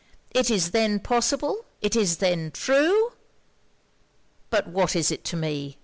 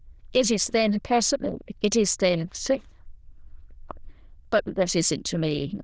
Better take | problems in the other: first | noise reduction (neural diffusion model UNIVERSE++)

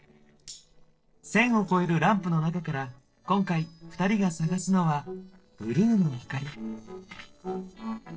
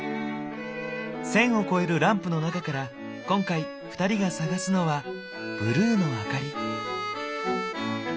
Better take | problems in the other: second | noise reduction (neural separator model SepFormer DNS4)

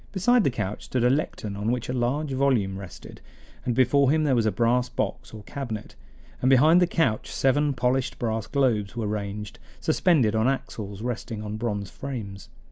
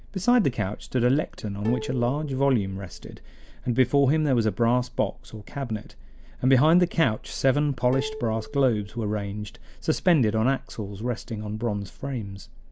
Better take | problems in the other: first | background sound (Plucked string instrument); 16 dB below the speech

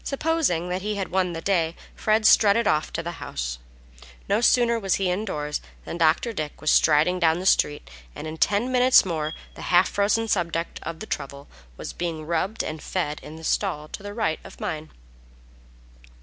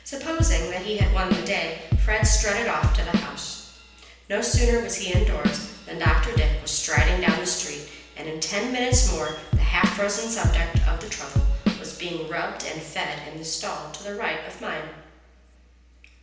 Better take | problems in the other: first | background sound (Drum kit); 5 dB above the speech // room echo; dies away in 0.9 s

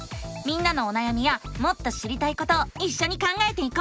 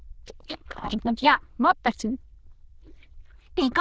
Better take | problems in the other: first | noise reduction (neural diffusion model UNIVERSE++)

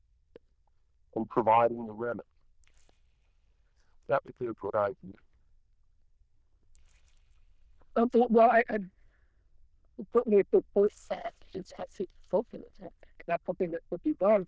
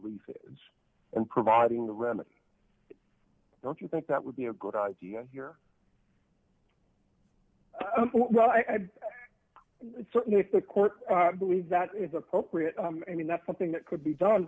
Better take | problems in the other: second | noise reduction (neural diffusion model UNIVERSE++)

